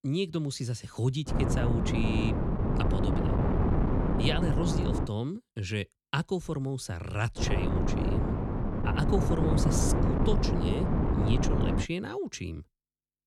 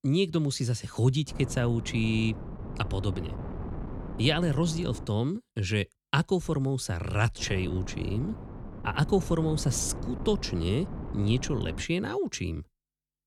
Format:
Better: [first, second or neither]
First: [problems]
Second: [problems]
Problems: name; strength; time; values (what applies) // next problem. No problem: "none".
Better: second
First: wind noise on the microphone; heavy; from 1.5 to 5 s and from 7.5 to 12 s; 1 dB above the speech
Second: wind noise on the microphone; occasional gusts; from 1.5 to 5 s and from 7.5 to 12 s; 15 dB below the speech